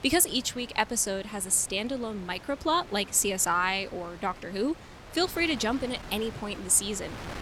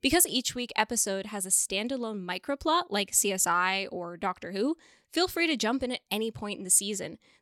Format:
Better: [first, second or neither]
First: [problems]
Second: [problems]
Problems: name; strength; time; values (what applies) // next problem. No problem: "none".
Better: second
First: wind noise on the microphone; occasional gusts; 15 dB below the speech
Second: none